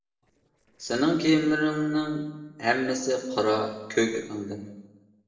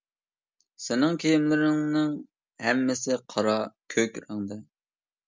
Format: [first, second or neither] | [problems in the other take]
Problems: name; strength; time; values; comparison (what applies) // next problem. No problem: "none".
second | noise reduction (neural separator model SepFormer DNS4)